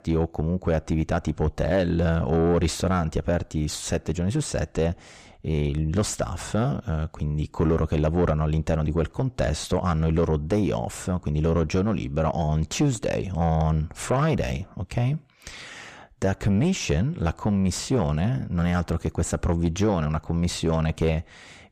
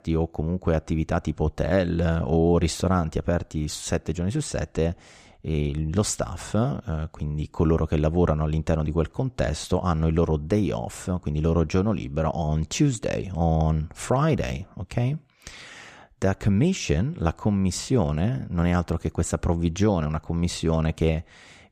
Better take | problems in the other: second | distortion; slight; 10 dB below the speech

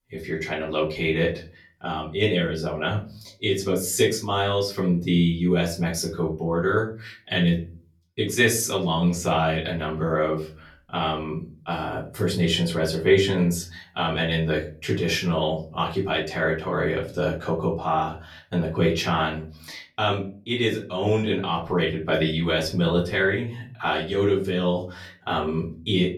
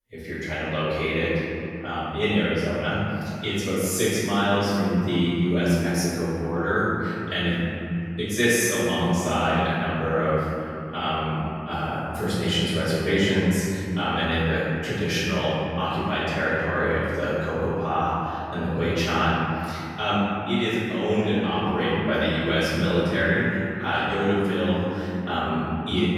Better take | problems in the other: first | room echo; strong; dies away in 3 s; slight in the first // off-mic speech; far; far in the first

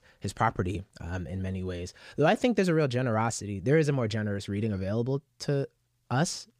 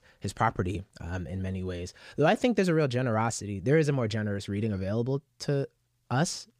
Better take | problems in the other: neither | none

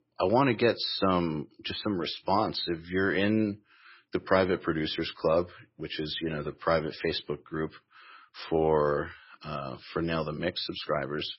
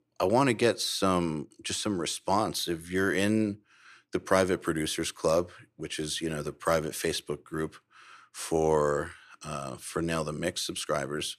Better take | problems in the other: second | garbled, watery; badly; nothing above 5.5 kHz

